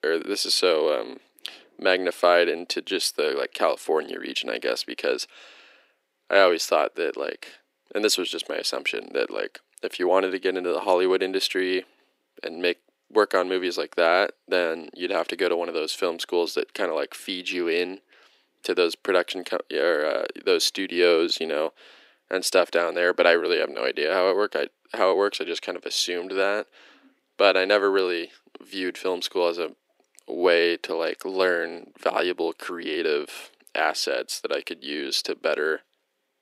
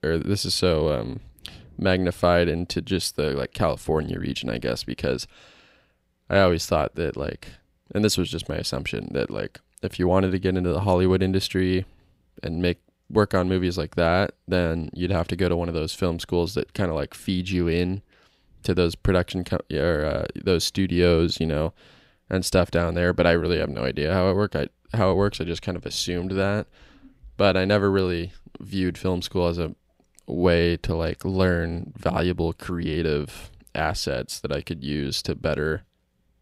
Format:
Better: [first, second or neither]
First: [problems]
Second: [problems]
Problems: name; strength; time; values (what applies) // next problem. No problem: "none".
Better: second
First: thin; somewhat; fading below 300 Hz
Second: none